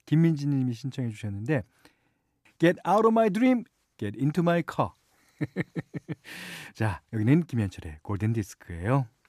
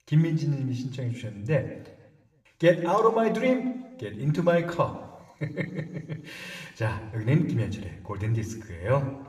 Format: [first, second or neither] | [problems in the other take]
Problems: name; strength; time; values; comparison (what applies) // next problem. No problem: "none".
first | room echo; slight; dies away in 0.9 s